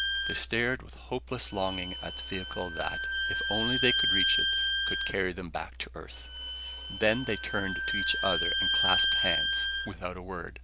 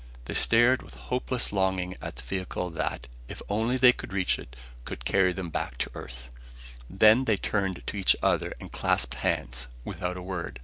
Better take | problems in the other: second | background sound (Bowed string instrument); 2 dB above the speech

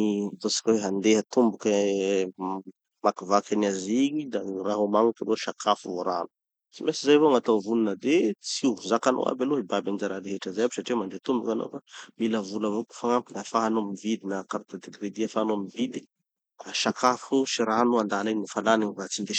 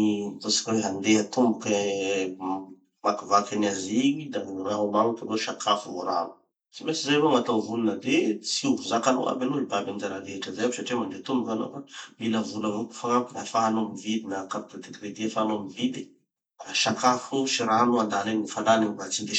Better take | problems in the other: first | room echo; dies away in 0.2 s

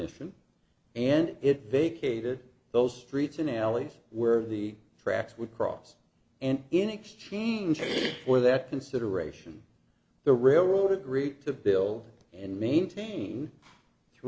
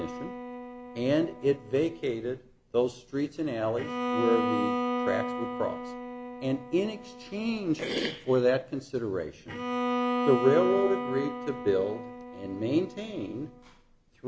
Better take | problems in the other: first | background sound (Bowed string instrument); 5 dB below the speech

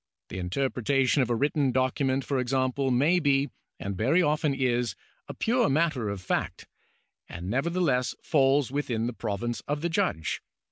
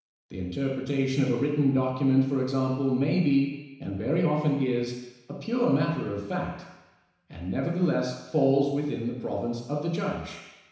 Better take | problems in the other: first | room echo; dies away in 1 s

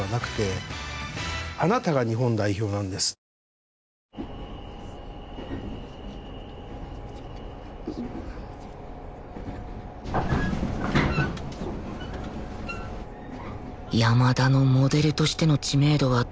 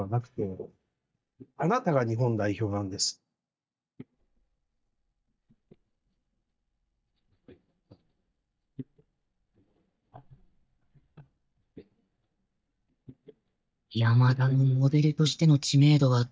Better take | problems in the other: first | noise reduction (neural mask model DeepFilterNet 3)

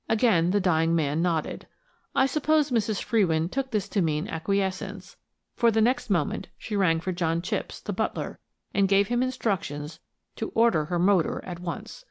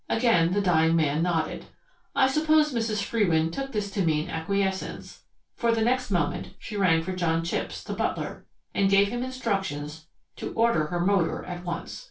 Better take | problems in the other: first | room echo; dies away in 0.2 s

